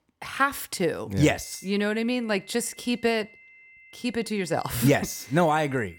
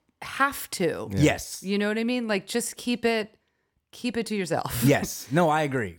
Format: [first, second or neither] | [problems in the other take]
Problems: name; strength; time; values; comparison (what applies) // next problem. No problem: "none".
second | high-pitched whine; faint; from 1.5 s on; 2 kHz, 25 dB below the speech